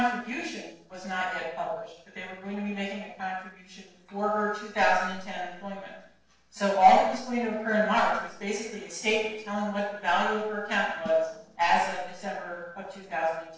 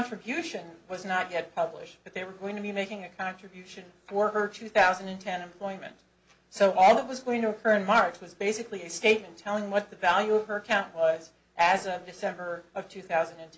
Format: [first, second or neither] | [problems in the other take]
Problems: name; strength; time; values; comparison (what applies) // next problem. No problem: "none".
second | noise reduction (neural separator model SepFormer DNS4)